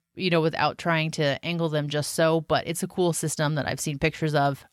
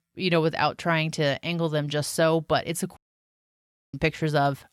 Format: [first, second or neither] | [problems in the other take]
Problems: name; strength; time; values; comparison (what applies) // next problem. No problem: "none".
first | audio cutting out; at 3 s for 1 s